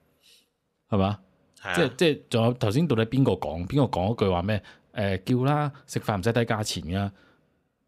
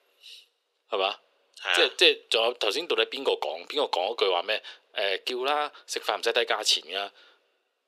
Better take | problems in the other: first | thin; very; fading below 400 Hz

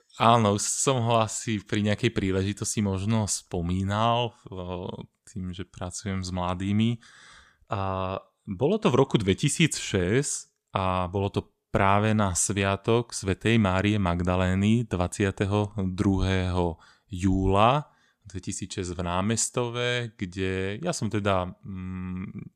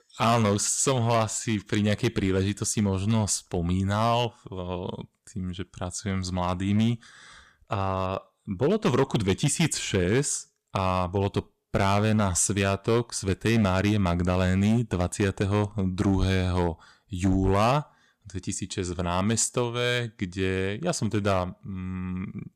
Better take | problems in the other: first | distortion; slight; 4% of the sound clipped

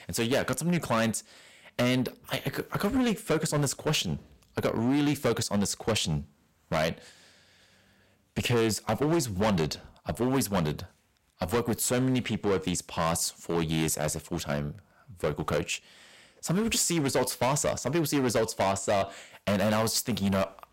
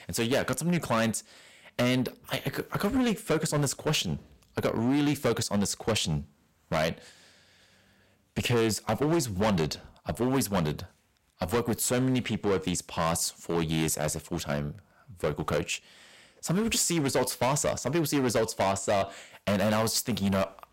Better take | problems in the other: neither | distortion; heavy; 10% of the sound clipped; the same in both

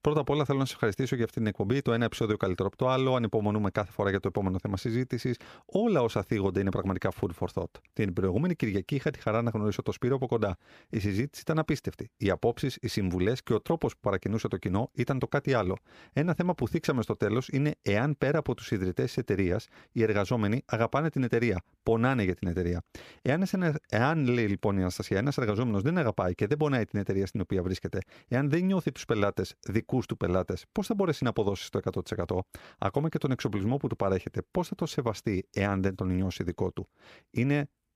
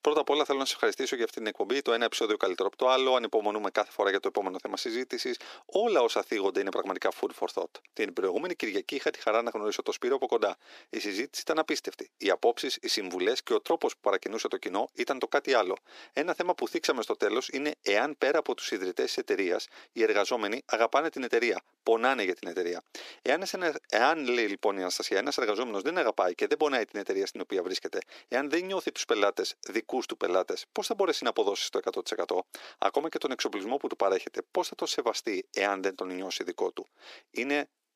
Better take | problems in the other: first | thin; very; fading below 300 Hz

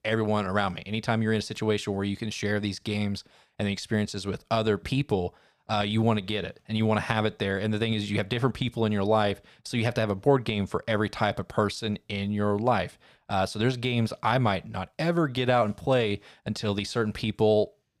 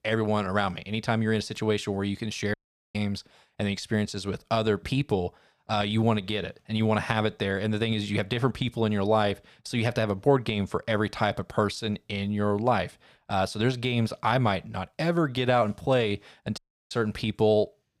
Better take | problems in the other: first | audio cutting out; at 2.5 s and at 17 s

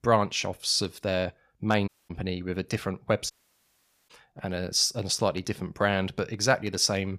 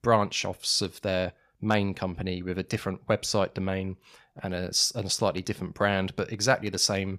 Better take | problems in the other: second | audio cutting out; at 2 s and at 3.5 s for 1 s

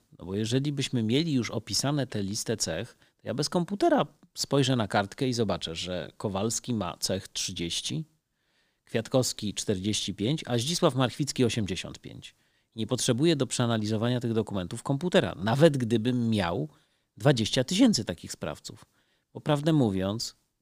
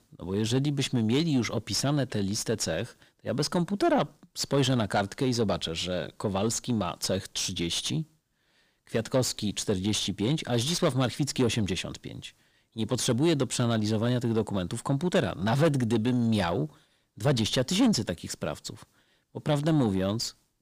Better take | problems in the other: first | distortion; slight; 10 dB below the speech

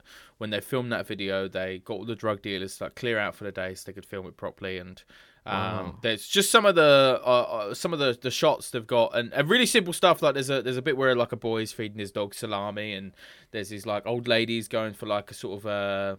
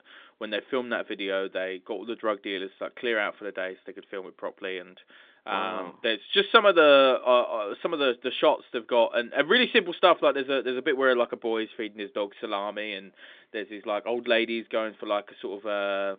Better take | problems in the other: first | phone-call audio

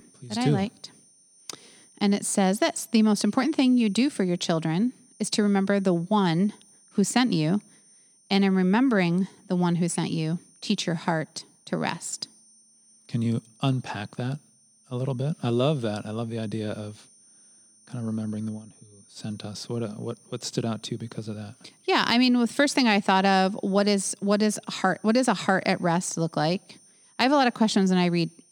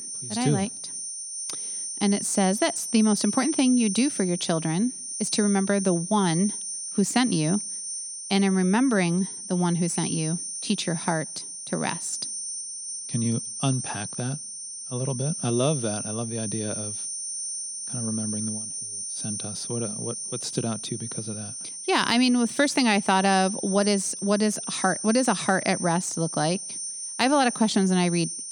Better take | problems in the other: first | high-pitched whine; loud; throughout; 9 kHz, 6 dB below the speech; faint in the first

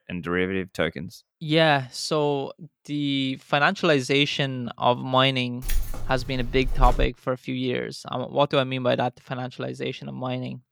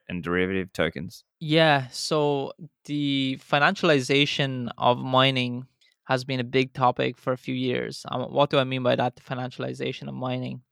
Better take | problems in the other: second | jangling keys; noticeable; from 5.5 to 7 s; peak 3 dB below the speech

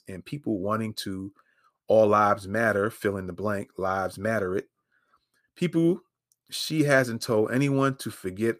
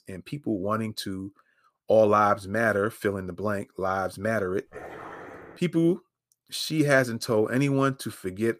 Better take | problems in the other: first | dog barking; faint; at 4.5 s; peak 15 dB below the speech

